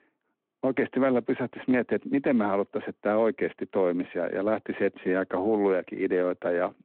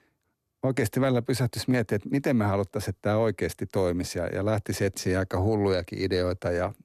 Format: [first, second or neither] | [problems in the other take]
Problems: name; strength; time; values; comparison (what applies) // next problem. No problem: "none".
second | phone-call audio; nothing above 3.5 kHz